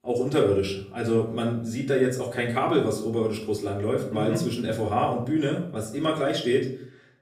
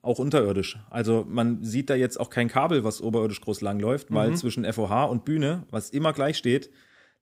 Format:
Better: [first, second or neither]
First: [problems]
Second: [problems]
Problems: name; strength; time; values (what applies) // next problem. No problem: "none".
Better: second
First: off-mic speech; far // room echo; slight; dies away in 0.5 s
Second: none